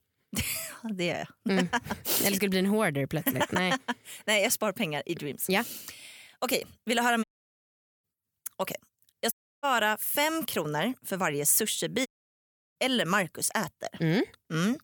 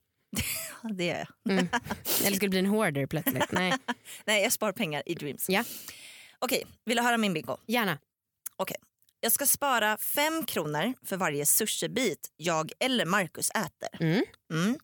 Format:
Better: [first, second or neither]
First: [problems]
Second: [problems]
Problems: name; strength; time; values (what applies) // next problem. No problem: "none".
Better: second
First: audio cutting out; at 7 s for 1 s, at 9.5 s and at 12 s for 0.5 s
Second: none